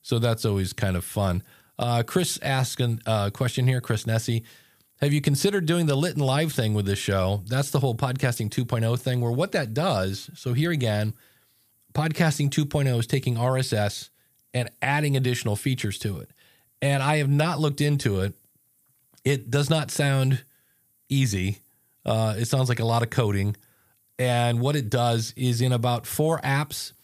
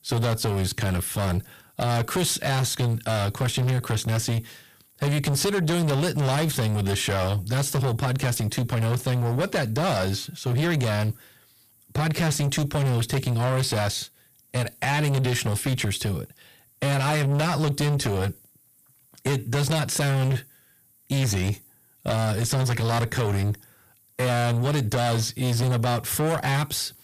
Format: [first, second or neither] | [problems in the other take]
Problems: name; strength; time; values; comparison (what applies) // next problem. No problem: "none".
first | distortion; heavy; 7 dB below the speech